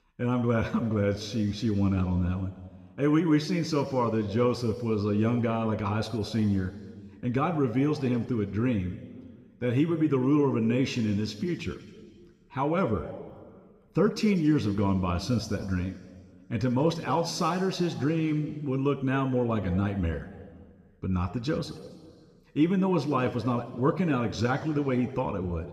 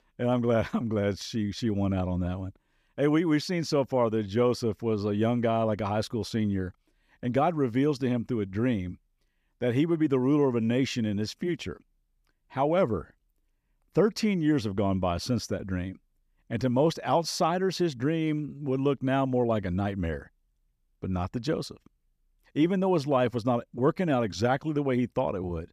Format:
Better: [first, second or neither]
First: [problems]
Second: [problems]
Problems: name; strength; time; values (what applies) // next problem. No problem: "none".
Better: second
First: room echo; slight; dies away in 1.5 s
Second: none